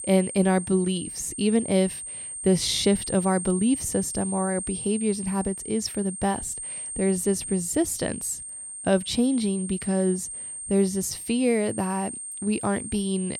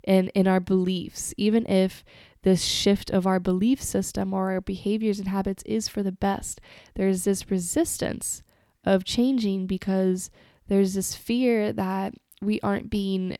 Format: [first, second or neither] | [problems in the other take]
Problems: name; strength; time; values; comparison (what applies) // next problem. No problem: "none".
second | high-pitched whine; loud; throughout; 8.5 kHz, 7 dB below the speech